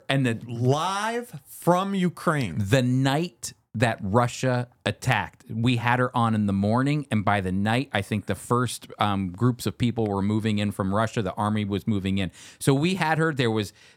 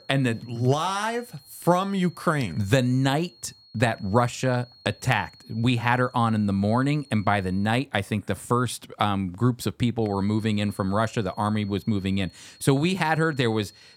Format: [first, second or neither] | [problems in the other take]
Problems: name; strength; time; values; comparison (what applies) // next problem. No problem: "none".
first | high-pitched whine; faint; until 7.5 s and from 10 s on; 4.5 kHz, 25 dB below the speech